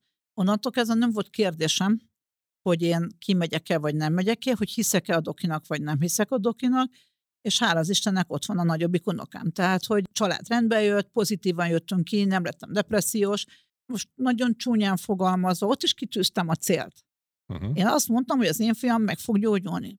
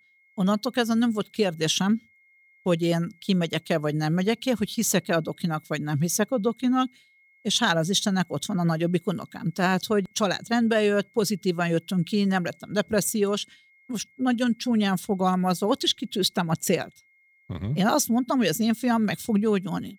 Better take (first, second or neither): first